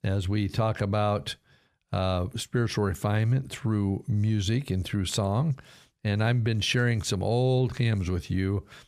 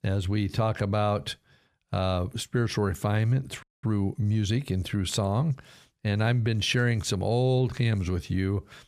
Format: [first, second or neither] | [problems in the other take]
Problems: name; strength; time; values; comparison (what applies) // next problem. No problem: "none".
first | audio freezing; at 3.5 s